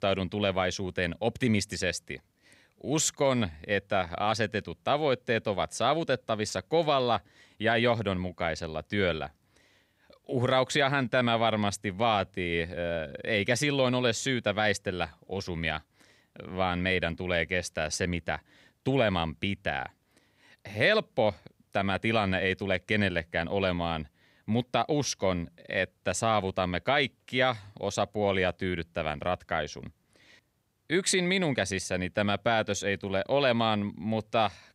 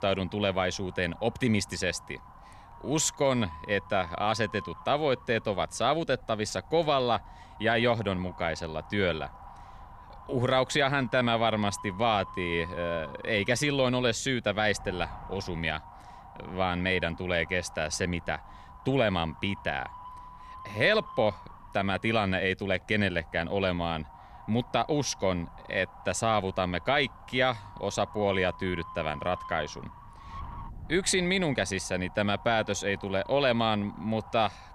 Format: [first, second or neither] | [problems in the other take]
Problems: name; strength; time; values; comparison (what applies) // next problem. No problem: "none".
first | wind noise on the microphone; occasional gusts; 15 dB below the speech